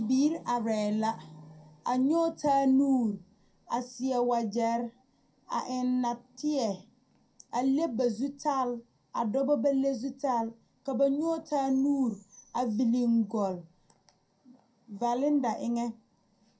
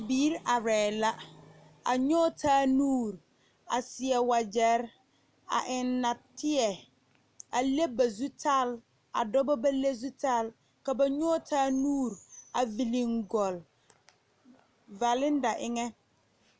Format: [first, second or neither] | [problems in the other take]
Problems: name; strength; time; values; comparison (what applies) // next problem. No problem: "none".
second | room echo; dies away in 0.2 s